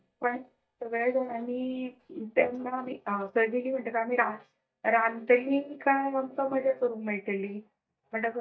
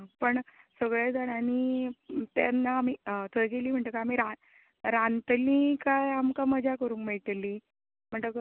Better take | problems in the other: second | noise reduction (neural mask model DeepFilterNet 3)

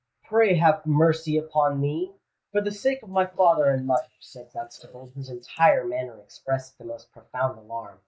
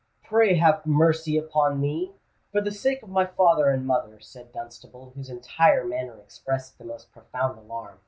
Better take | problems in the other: second | noise reduction (neural mask model Resemble Enhance denoiser)

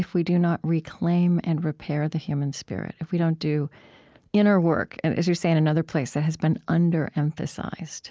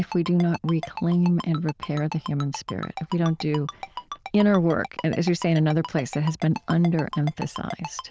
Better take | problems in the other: first | noise reduction (neural diffusion model UNIVERSE++)

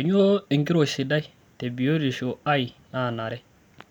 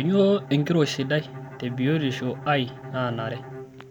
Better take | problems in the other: first | background sound (Bowed string instrument); 13 dB below the speech

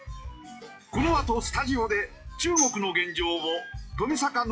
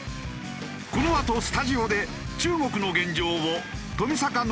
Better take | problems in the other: second | noise reduction (classical method log-MMSE)

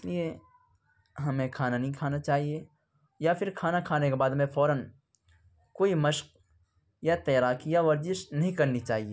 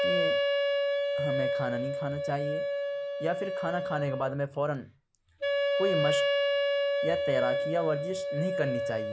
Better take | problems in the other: first | background sound (Wind instrument, woodwind instrument); 4 dB above the speech

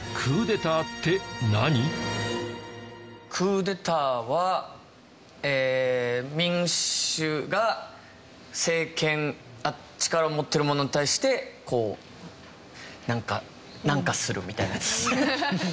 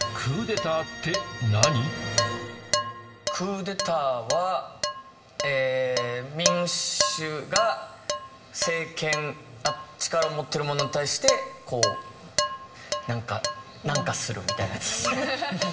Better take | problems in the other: first | background sound (Dishes, pots, and pans); 3 dB below the speech // room echo; dies away in 1.6 s

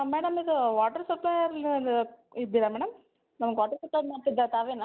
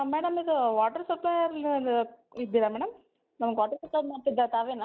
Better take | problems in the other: first | noise reduction (neural mask model DeepFilterNet 3)

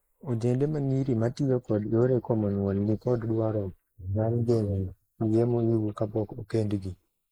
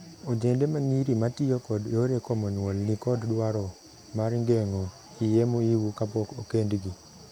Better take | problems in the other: second | noise reduction (neural mask model Resemble Enhance denoiser)

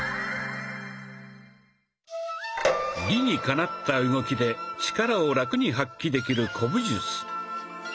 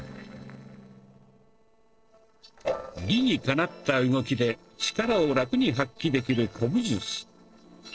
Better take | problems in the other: first | noise reduction (neural separator model SepFormer DNS4)

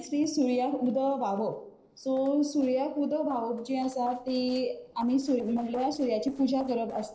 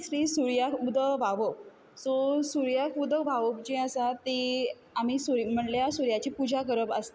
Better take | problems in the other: second | noise reduction (neural separator model SepFormer DNS4)

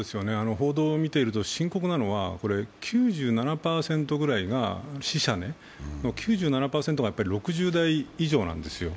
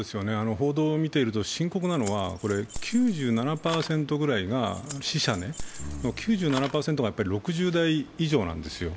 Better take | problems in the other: first | background sound (Keys jangling); 12 dB below the speech

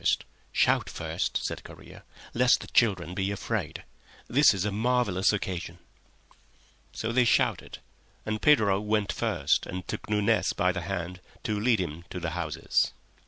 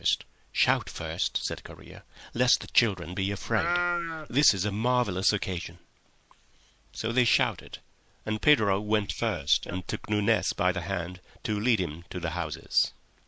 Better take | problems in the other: first | noise reduction (neural mask model Resemble Enhance denoiser)

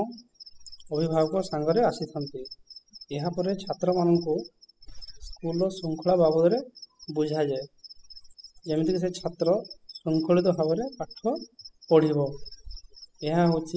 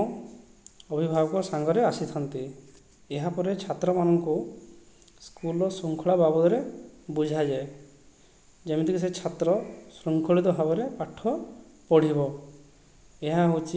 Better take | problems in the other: second | noise reduction (classical method spectral subtraction)

